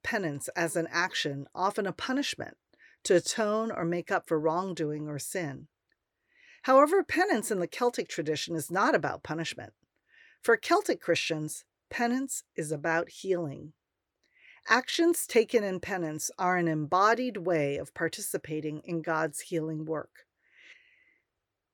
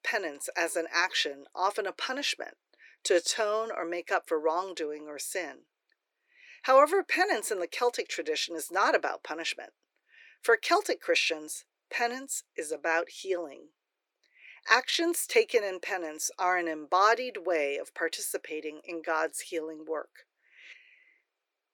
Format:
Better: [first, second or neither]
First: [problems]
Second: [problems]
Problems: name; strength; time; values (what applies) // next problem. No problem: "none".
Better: first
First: none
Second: thin; somewhat; fading below 400 Hz